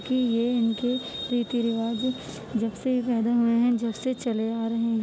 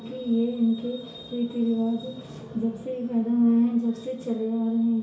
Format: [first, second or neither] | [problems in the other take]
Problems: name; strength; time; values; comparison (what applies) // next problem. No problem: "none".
first | room echo; dies away in 0.6 s